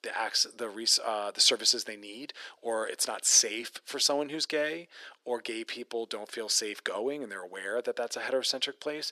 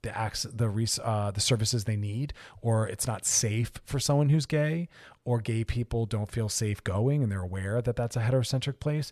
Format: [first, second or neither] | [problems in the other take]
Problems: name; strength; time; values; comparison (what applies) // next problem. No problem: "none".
second | thin; very; fading below 300 Hz